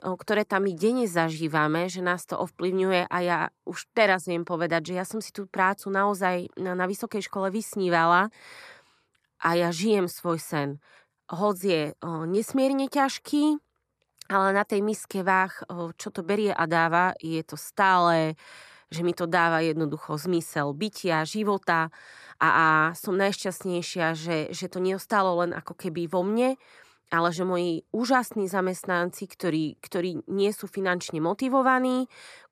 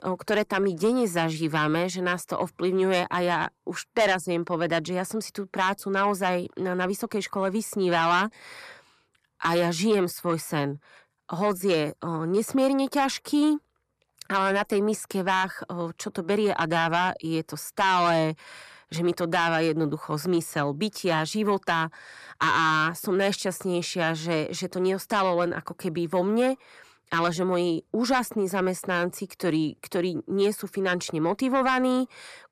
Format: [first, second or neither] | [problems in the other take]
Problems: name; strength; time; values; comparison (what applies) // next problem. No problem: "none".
first | distortion; slight; 10 dB below the speech